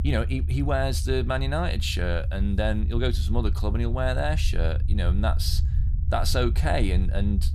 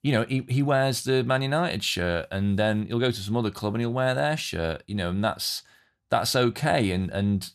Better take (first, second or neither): second